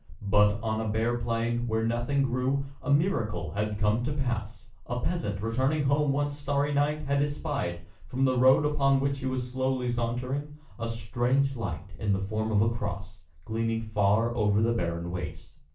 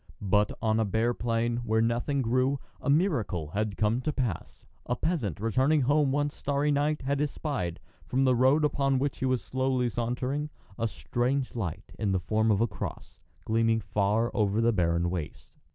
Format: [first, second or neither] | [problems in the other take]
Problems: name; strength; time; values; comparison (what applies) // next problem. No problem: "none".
second | room echo; dies away in 0.3 s